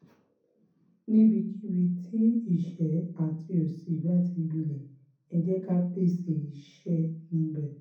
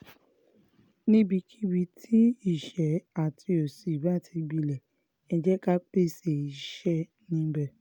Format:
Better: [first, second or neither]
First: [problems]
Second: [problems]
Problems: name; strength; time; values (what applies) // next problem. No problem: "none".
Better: second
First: room echo; dies away in 0.6 s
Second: none